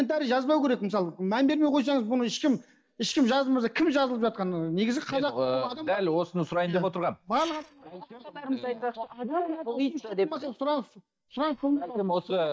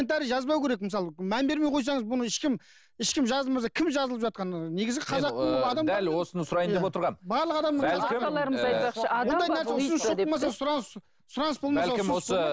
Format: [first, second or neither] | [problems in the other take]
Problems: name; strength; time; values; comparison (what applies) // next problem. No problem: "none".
second | noise reduction (neural mask model DeepFilterNet 3)